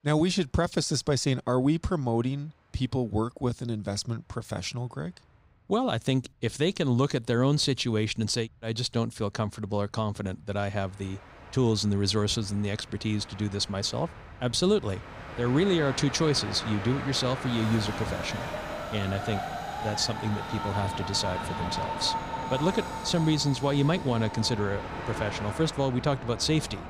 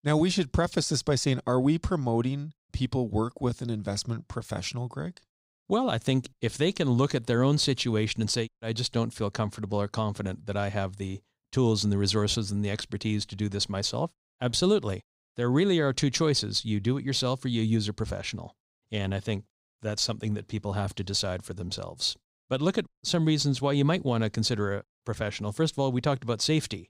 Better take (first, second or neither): second